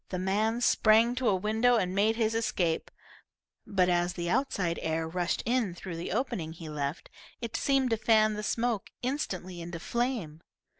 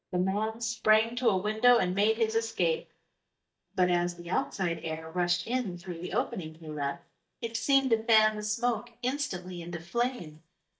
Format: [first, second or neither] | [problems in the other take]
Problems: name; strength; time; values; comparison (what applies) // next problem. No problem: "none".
first | noise reduction (neural mask model DeepFilterNet 3)